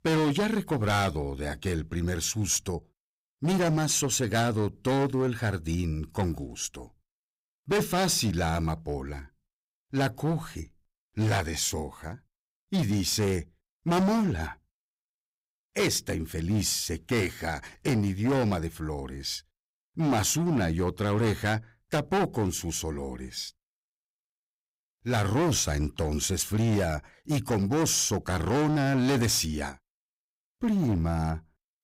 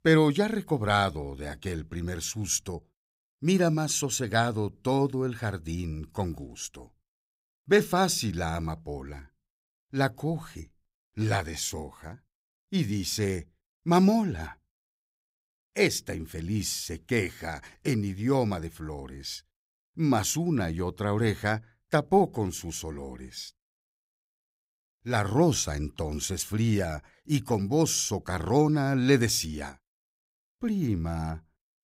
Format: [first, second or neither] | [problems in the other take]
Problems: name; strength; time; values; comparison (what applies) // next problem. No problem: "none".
second | distortion; heavy; 11% of the sound clipped